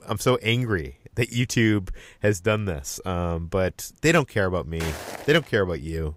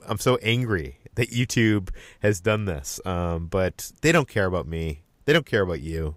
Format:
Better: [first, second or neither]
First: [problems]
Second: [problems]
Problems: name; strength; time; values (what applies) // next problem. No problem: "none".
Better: second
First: footsteps; noticeable; at 5 s; peak 9 dB below the speech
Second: none